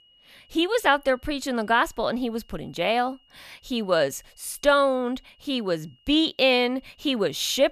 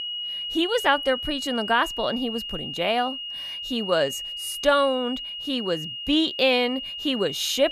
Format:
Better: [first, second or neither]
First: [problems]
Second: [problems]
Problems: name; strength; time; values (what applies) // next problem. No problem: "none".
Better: first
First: high-pitched whine; faint; throughout; 3 kHz, 35 dB below the speech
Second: high-pitched whine; loud; throughout; 3 kHz, 6 dB below the speech